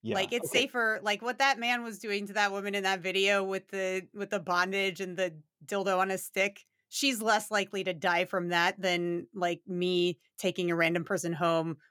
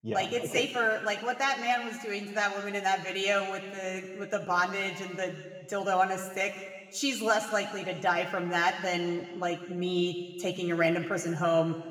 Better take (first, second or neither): first